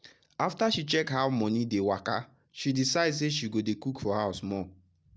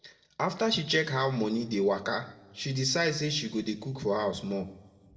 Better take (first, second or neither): first